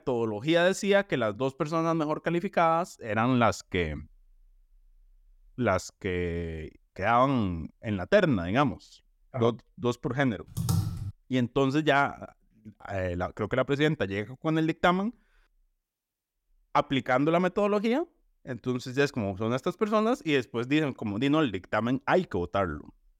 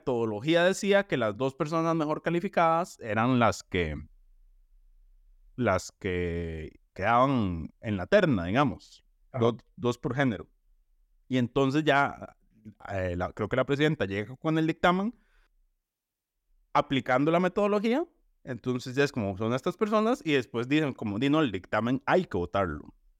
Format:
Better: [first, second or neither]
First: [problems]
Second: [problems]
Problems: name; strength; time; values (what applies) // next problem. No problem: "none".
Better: second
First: keyboard typing; noticeable; at 11 s; peak 1 dB below the speech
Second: none